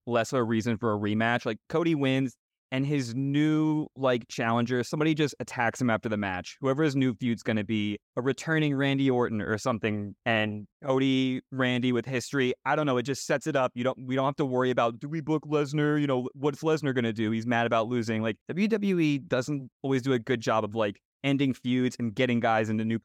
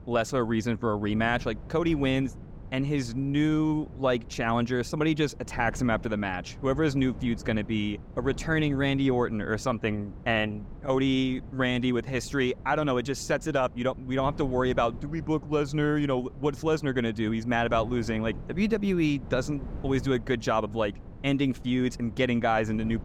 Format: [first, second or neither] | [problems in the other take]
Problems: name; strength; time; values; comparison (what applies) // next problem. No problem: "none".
first | wind noise on the microphone; occasional gusts; 20 dB below the speech